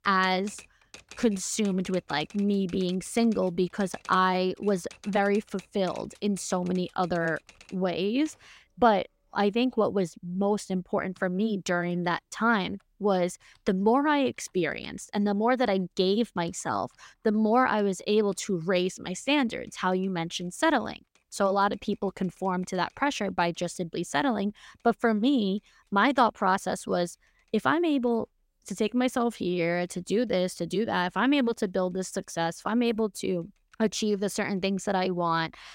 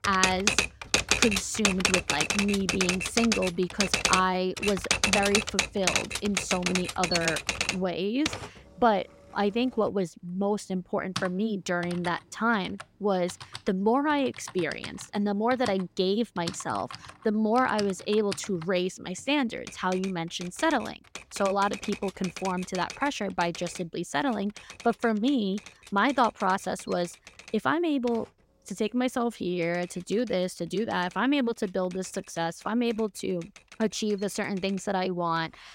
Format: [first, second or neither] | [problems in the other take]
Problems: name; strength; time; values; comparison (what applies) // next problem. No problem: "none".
first | household noises; loud; throughout; as loud as the speech; faint in the first